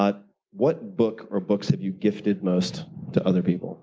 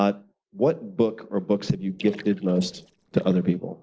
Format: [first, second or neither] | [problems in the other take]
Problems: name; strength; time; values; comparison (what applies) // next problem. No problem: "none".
first | noise reduction (neural separator model SepFormer DNS4)